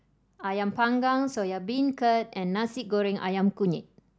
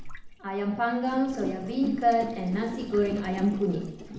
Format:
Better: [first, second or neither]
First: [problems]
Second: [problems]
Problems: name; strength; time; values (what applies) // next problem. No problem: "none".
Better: first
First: none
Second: background sound (Gurgling); 11 dB below the speech // room echo; dies away in 0.8 s